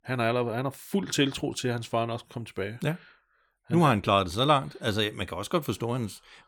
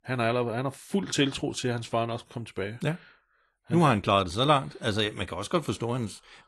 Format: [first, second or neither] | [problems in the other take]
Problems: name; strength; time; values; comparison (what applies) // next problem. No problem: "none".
first | garbled, watery; slightly; nothing above 11 kHz